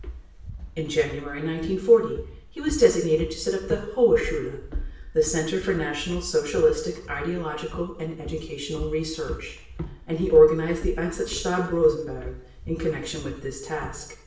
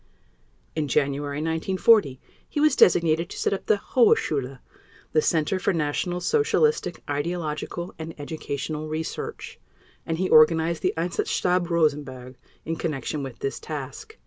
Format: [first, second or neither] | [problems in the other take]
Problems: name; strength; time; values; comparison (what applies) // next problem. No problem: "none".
second | background sound (Walk, footsteps); 13 dB below the speech // room echo; dies away in 0.6 s